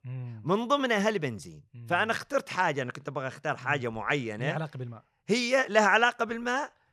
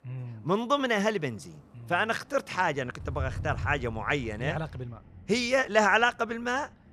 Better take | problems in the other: first | traffic noise; noticeable; throughout; 10 dB below the speech

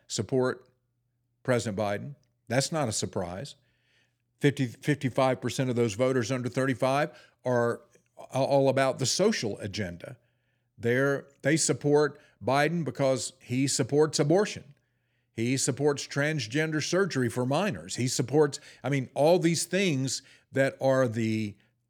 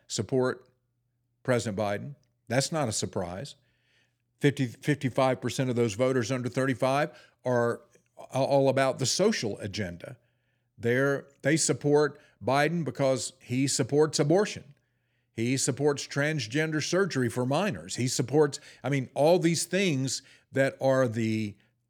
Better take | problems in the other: neither | none

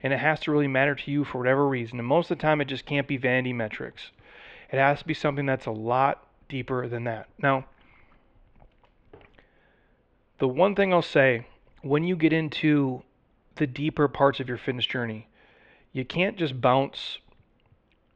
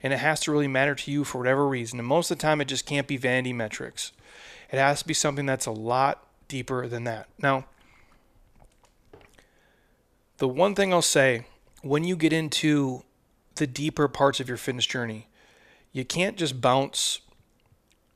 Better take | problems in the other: second | muffled; very; fading above 3 kHz

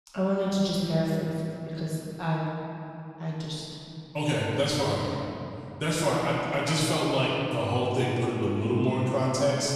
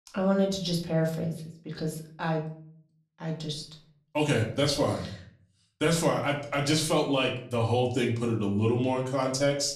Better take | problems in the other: second | room echo; strong; dies away in 2.7 s; slight in the second // off-mic speech; far; somewhat distant in the second

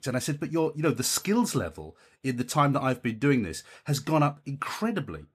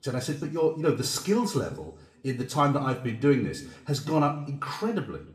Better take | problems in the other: first | room echo; slight; dies away in 0.6 s // off-mic speech; somewhat distant

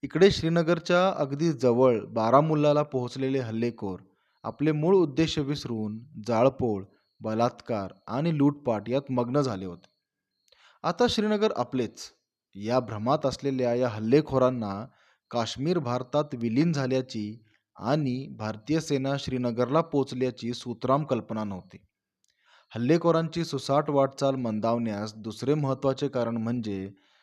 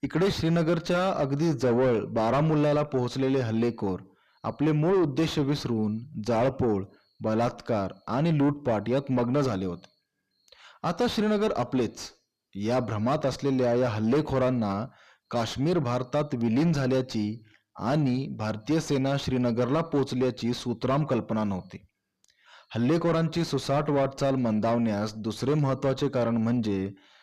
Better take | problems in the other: first | distortion; heavy; 7 dB below the speech

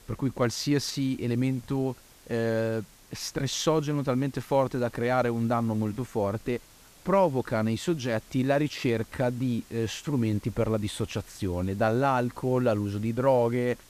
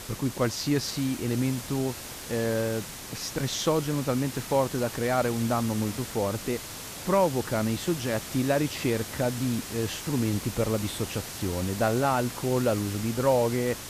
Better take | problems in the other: first | hiss; loud; throughout; 9 dB below the speech; faint in the first

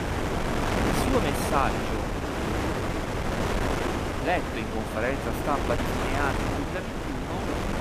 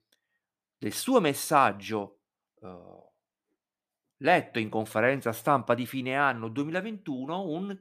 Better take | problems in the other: second | wind noise on the microphone; heavy; 1 dB above the speech

